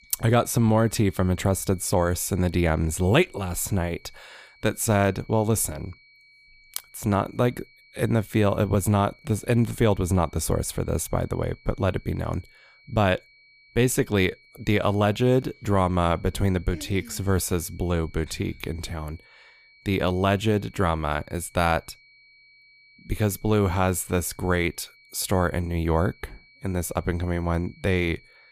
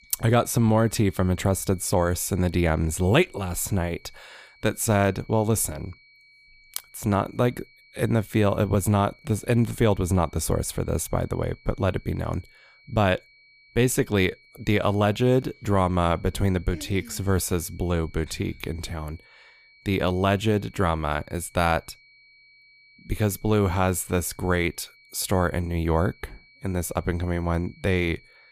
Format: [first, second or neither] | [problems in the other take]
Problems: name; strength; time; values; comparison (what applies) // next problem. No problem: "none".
neither | high-pitched whine; faint; throughout; 2.5 kHz, 30 dB below the speech; the same in both